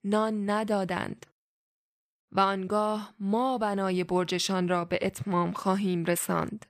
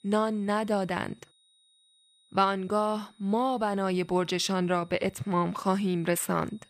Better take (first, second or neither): first